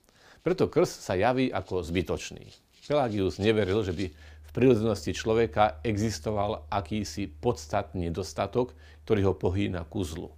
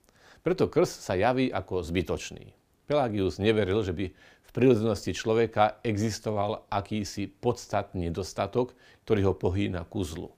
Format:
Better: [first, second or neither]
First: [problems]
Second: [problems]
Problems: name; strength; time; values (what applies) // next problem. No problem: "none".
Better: second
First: background music; faint; throughout; 20 dB below the speech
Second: none